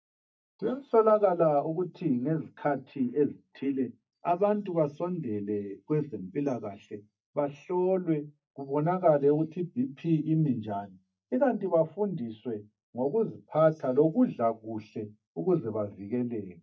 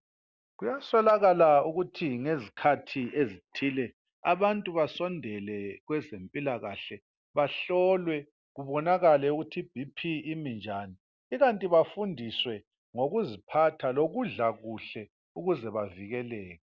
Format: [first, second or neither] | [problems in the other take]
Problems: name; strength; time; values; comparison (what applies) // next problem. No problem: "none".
second | noise reduction (neural mask model DeepFilterNet 3)